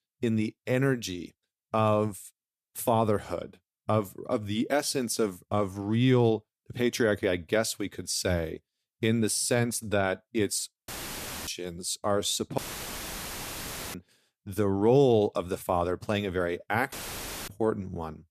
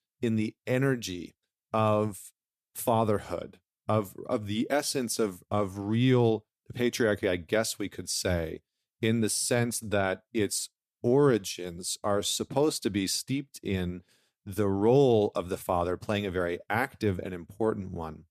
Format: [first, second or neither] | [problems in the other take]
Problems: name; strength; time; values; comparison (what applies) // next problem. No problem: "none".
second | audio cutting out; filled with static; at 11 s for 0.5 s, at 13 s for 1.5 s and at 17 s for 0.5 s